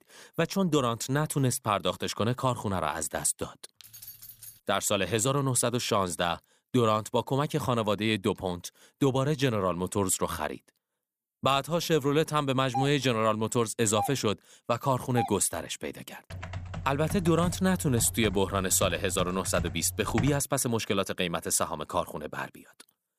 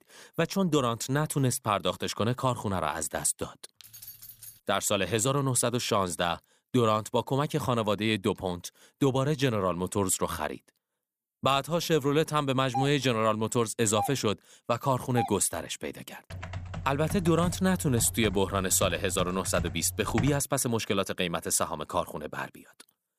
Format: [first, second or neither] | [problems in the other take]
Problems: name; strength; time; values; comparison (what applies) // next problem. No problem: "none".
neither | jangling keys; faint; at 4 s; peak 15 dB below the speech; the same in both // doorbell; noticeable; from 13 to 15 s; peak 7 dB below the speech; the same in both // keyboard typing; noticeable; from 16 to 20 s; peak 7 dB below the speech; the same in both